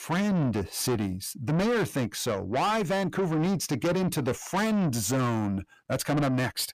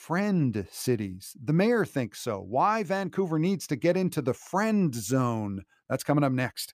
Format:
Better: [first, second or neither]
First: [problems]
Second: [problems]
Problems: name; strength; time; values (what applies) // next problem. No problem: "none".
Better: second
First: distortion; heavy; 6 dB below the speech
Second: none